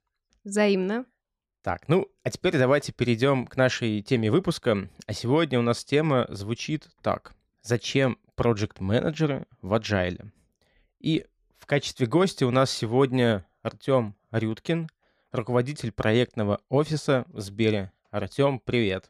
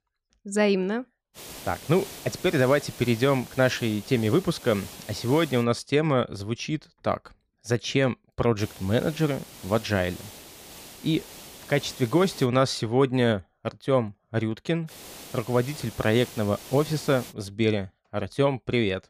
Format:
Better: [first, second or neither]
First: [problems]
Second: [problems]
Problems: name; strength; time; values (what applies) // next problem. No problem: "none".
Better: first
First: none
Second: hiss; noticeable; from 1.5 to 5.5 s, from 8.5 to 12 s and from 15 to 17 s; 15 dB below the speech